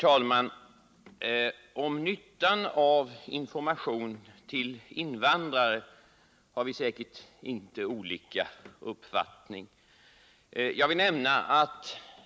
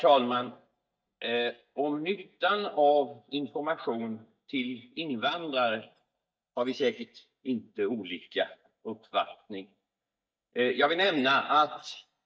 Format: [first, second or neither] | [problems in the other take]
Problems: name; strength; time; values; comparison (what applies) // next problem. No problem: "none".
first | noise reduction (neural mask model DeepFilterNet 3)